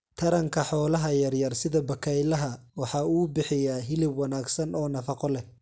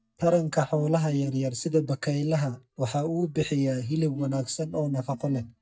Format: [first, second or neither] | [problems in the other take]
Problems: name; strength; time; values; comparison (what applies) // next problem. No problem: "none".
first | noise reduction (neural mask model DeepFilterNet 3)